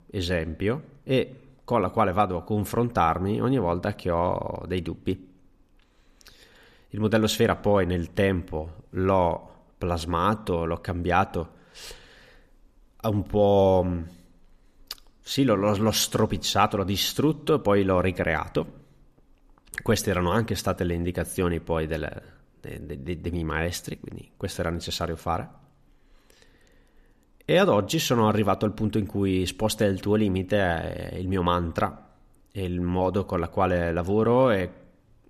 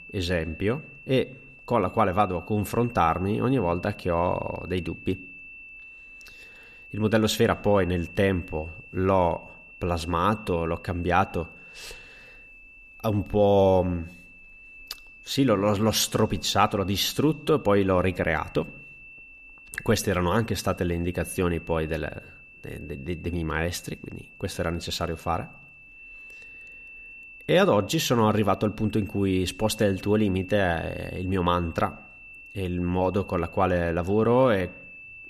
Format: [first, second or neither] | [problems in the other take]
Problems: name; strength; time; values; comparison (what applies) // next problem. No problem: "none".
first | high-pitched whine; noticeable; throughout; 2.5 kHz, 20 dB below the speech